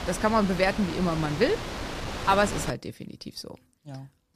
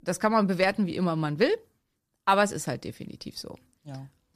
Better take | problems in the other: second | wind noise on the microphone; heavy; until 2.5 s; 9 dB below the speech

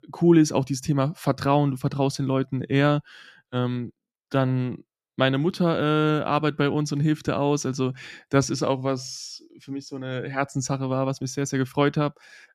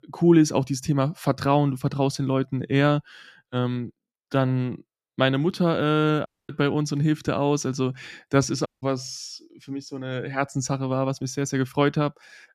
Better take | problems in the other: first | audio cutting out; at 6.5 s and at 8.5 s

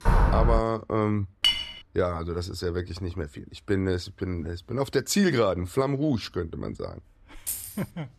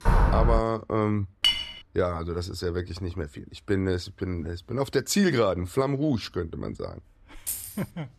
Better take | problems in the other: neither | door banging; loud; at the start; peak 5 dB above the speech; the same in both // clattering dishes; loud; at 1.5 s; peak 5 dB above the speech; the same in both // jangling keys; noticeable; at 7.5 s; peak 4 dB below the speech; the same in both

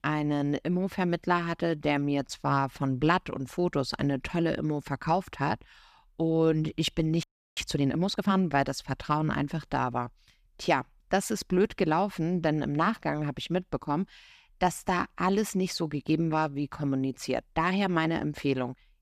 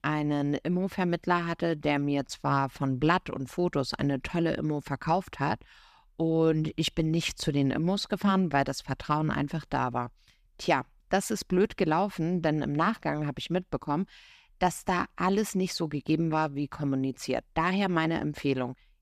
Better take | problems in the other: second | audio freezing; at 7 s

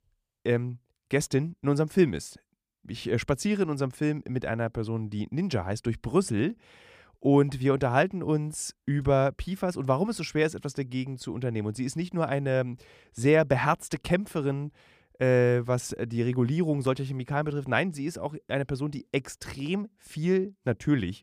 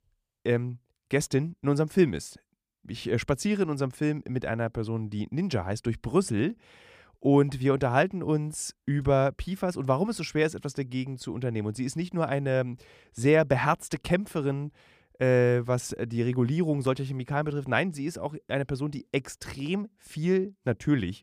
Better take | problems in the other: neither | none

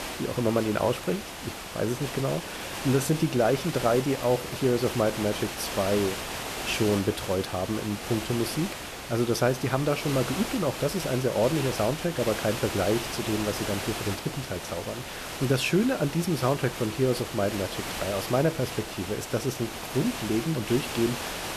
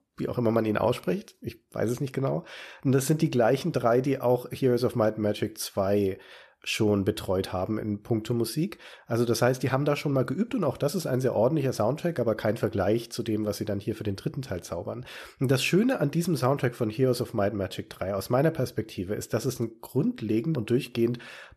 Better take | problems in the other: second | hiss; loud; throughout; 6 dB below the speech

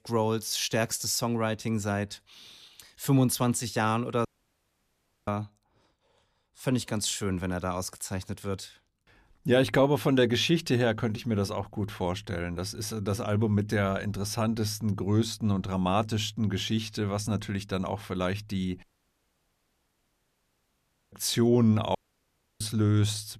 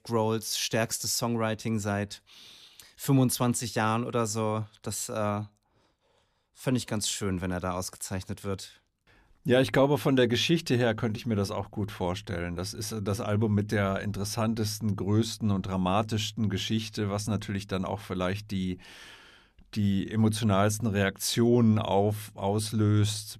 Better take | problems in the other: second | audio cutting out; at 4.5 s for 1 s, at 19 s for 2.5 s and at 22 s for 0.5 s

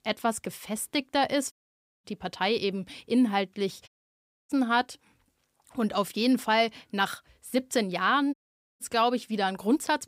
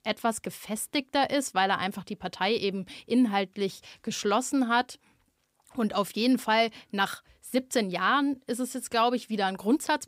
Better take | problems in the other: second | audio cutting out; at 1.5 s for 0.5 s, at 4 s for 0.5 s and at 8.5 s

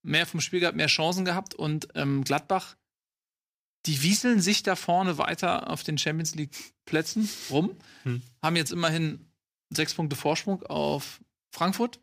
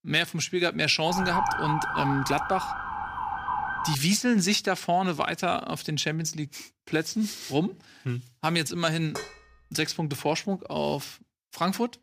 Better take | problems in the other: first | siren; loud; from 1 to 4 s; peak 1 dB above the speech // clattering dishes; faint; at 9 s; peak 10 dB below the speech

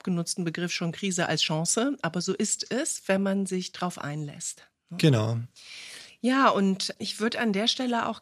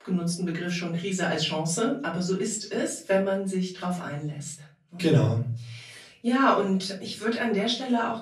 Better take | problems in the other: first | off-mic speech; far // room echo; slight; dies away in 0.4 s

